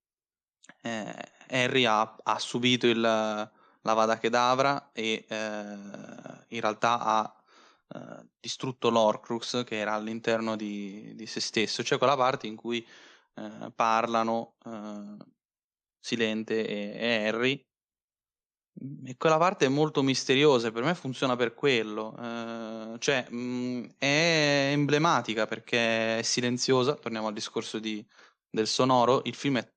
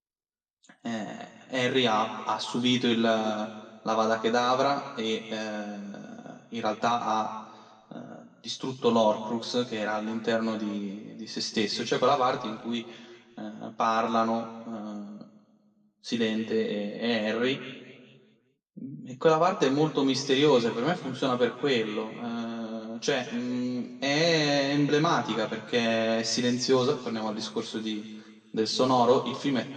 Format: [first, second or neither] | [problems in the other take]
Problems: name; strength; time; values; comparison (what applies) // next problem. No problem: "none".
first | room echo; noticeable; dies away in 1.4 s // off-mic speech; somewhat distant